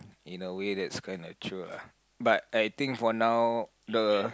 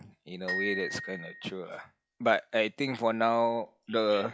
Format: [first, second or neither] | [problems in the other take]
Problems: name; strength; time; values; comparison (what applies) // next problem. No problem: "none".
first | noise reduction (classical method log-MMSE)